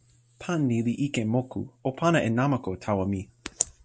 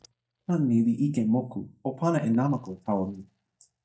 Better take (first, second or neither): first